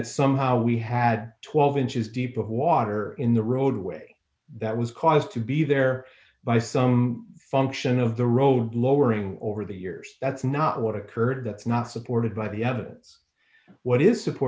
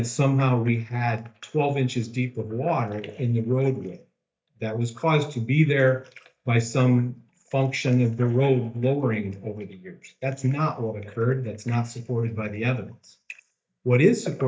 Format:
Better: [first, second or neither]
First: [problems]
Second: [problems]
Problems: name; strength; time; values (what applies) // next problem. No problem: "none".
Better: first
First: none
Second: noise reduction (neural mask model DeepFilterNet 3)